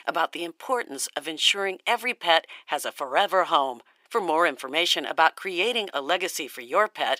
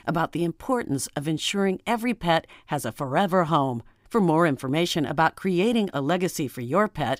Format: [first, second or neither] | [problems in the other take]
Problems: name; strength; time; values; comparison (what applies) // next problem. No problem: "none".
second | thin; very; fading below 450 Hz